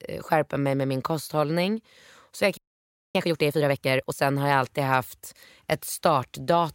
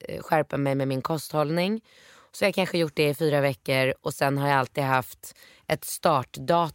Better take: second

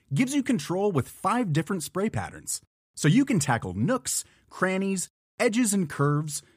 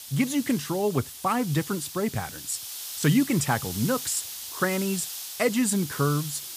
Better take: first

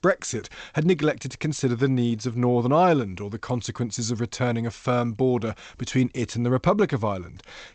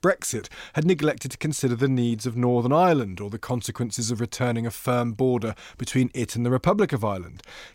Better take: second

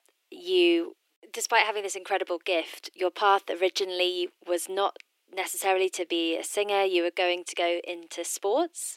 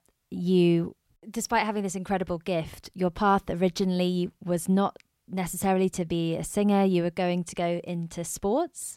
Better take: second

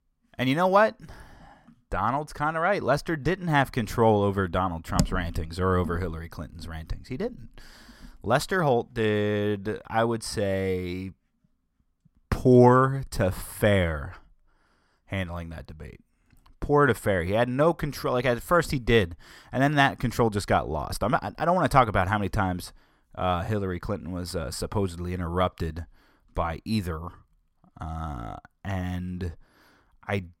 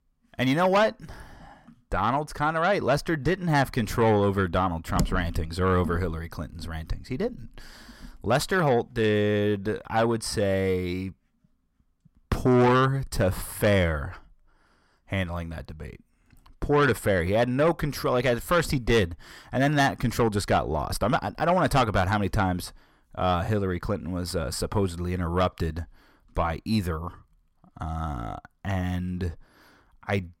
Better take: first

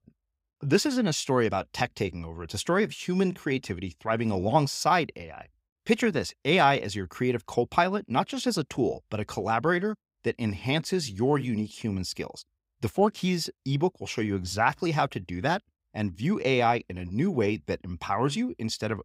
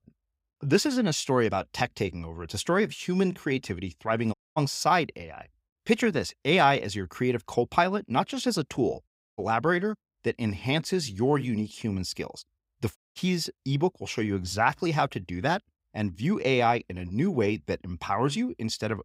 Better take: first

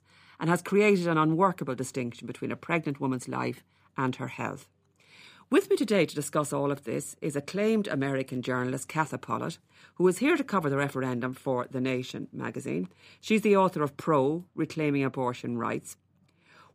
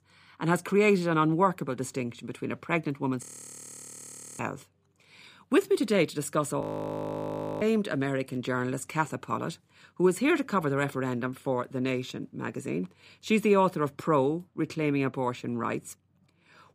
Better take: first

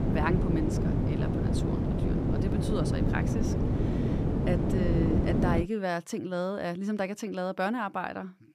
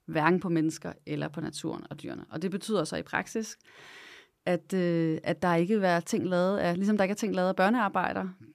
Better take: second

